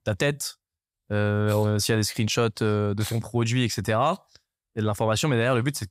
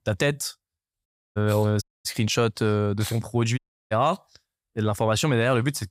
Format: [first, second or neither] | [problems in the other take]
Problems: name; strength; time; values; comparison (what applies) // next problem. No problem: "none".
first | audio cutting out; at 1 s, at 2 s and at 3.5 s